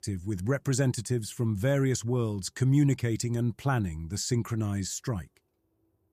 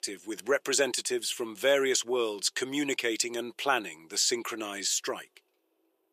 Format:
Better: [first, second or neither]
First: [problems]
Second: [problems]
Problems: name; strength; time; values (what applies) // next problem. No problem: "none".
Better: first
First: none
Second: thin; very; fading below 400 Hz